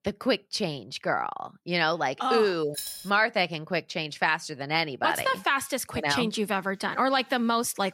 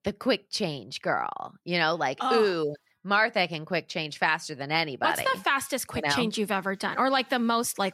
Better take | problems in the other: second | jangling keys; noticeable; at 2.5 s; peak 8 dB below the speech

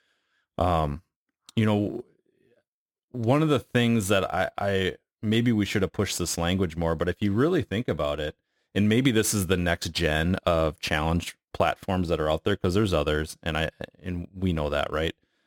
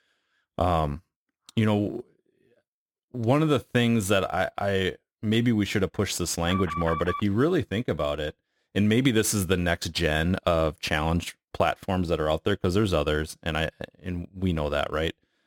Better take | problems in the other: first | alarm; noticeable; at 6.5 s; peak 6 dB below the speech

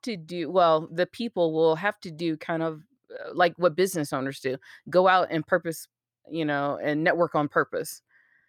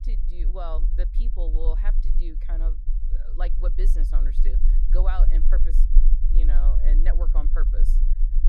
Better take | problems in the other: first | low rumble; loud; throughout; 10 dB below the speech

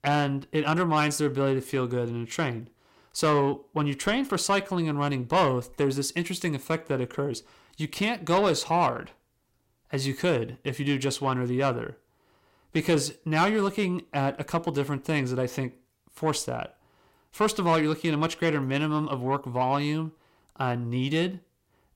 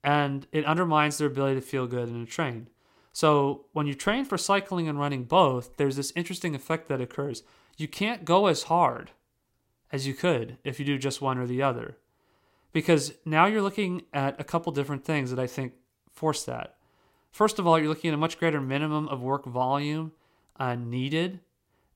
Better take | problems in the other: second | distortion; slight; 10 dB below the speech

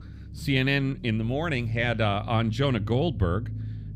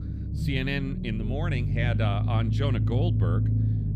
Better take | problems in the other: first | low rumble; loud; throughout; 6 dB below the speech; faint in the first

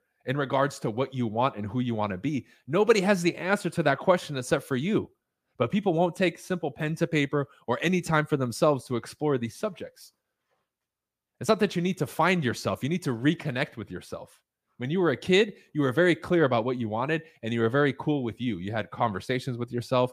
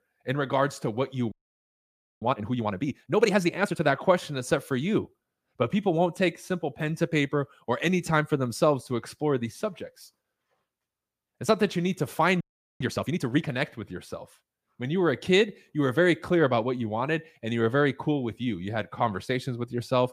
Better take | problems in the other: first | audio freezing; at 1.5 s for 1 s and at 12 s

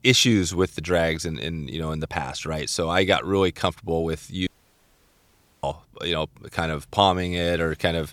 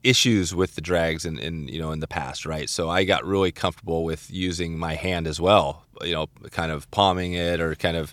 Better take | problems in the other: second | audio cutting out; at 4.5 s for 1 s

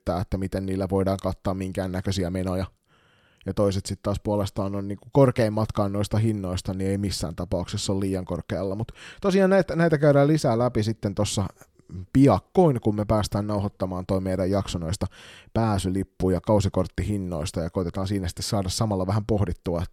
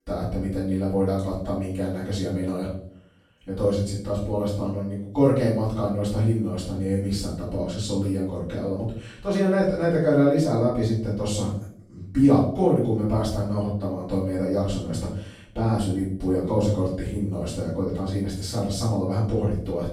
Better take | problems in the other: first | room echo; noticeable; dies away in 0.5 s // off-mic speech; far

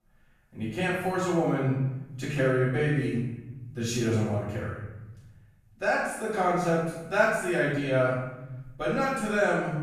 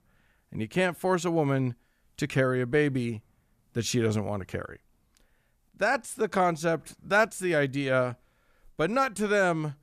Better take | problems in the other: second | off-mic speech; far // room echo; strong; dies away in 1 s

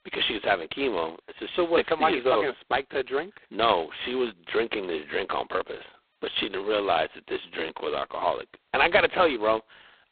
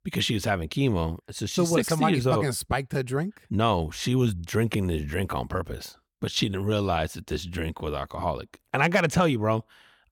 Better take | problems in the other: second | phone-call audio; poor line; nothing above 3.5 kHz

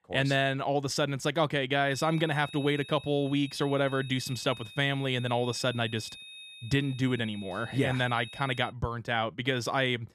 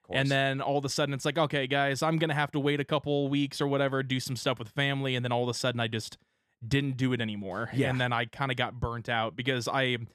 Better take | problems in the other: second | high-pitched whine; noticeable; from 2 to 8.5 s; 3.5 kHz, 15 dB below the speech

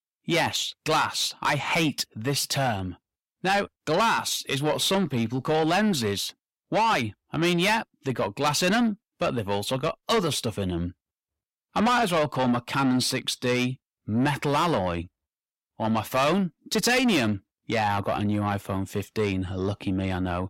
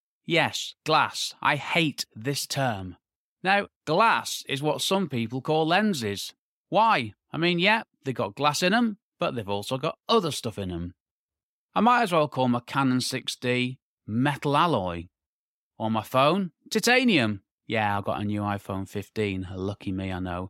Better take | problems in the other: second | distortion; heavy; 7 dB below the speech

